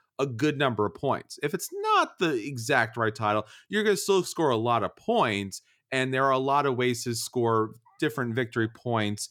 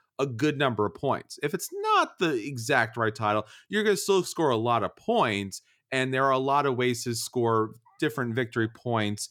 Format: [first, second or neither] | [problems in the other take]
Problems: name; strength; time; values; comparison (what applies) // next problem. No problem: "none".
neither | none